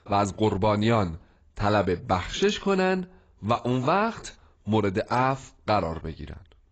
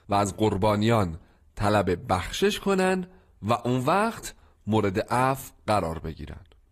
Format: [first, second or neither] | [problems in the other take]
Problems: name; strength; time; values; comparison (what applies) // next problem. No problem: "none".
second | garbled, watery; badly; nothing above 7.5 kHz; slightly in the second